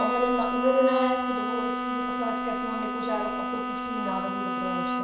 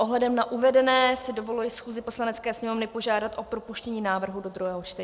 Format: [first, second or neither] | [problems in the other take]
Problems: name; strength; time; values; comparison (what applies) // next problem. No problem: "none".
second | background sound (Bowed string instrument); as loud as the speech // room echo; dies away in 0.6 s